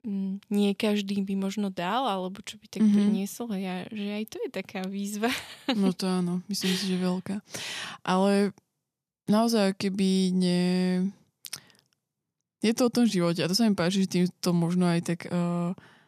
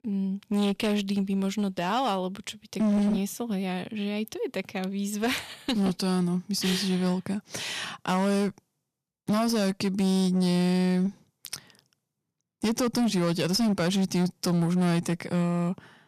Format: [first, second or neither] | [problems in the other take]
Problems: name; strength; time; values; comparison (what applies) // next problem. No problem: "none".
first | distortion; slight; 13% of the sound clipped